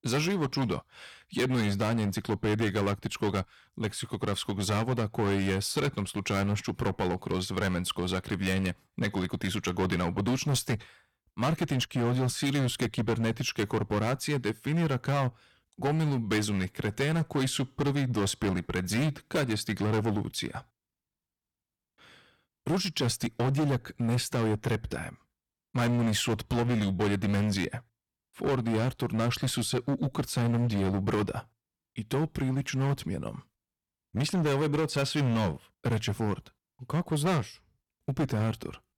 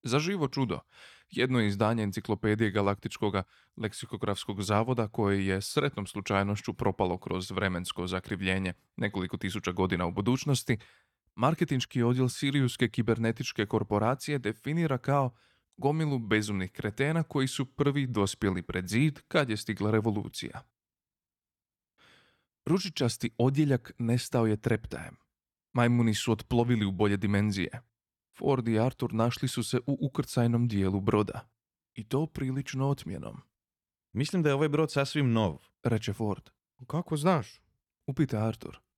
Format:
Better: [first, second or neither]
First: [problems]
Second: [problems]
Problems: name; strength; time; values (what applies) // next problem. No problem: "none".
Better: second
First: distortion; heavy; 14% of the sound clipped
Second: none